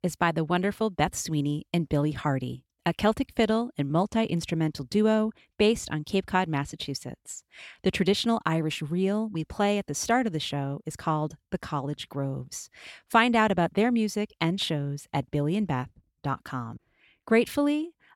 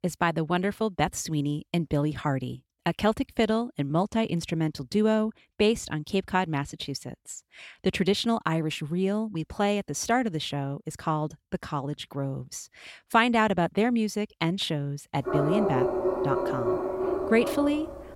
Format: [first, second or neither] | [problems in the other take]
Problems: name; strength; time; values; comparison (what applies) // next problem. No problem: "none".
first | dog barking; loud; from 15 s on; peak 2 dB above the speech